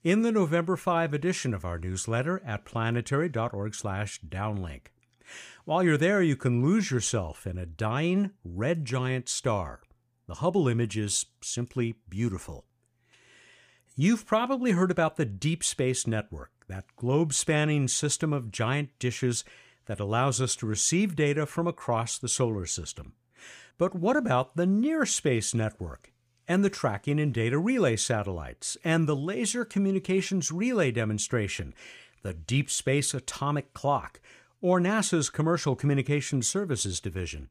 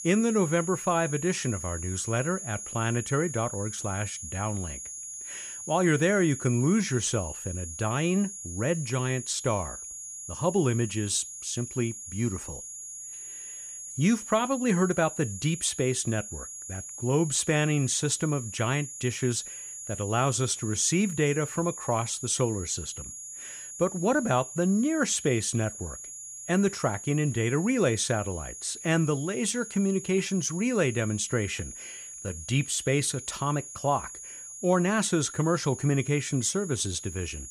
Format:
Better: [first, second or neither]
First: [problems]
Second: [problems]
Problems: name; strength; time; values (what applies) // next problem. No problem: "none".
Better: first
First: none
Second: high-pitched whine; loud; throughout; 6.5 kHz, 10 dB below the speech